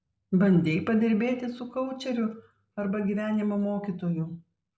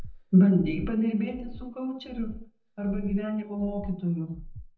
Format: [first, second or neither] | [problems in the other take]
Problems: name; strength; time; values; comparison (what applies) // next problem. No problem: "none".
first | noise reduction (neural mask model DeepFilterNet 3)